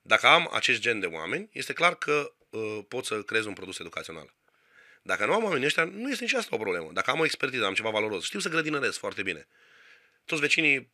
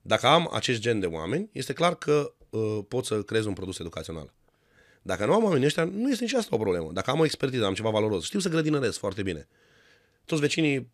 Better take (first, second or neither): second